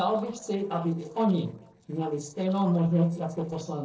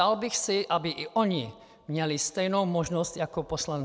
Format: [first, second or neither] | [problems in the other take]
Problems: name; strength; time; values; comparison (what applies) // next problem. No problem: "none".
second | noise reduction (neural separator model SepFormer DNS4)